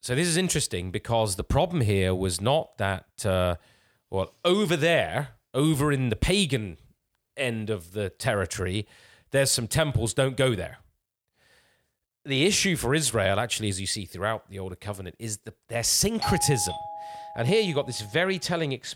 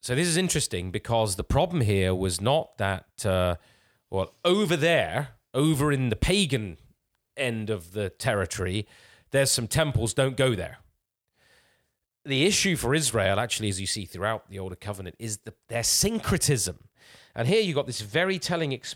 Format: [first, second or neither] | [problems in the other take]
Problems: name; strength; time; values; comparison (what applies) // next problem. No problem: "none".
second | doorbell; noticeable; from 16 to 18 s; peak 5 dB below the speech